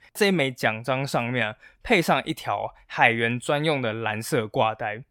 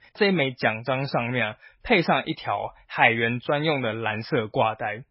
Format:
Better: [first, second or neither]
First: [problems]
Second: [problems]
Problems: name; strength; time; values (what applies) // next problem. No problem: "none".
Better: first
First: none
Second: garbled, watery; badly; nothing above 5.5 kHz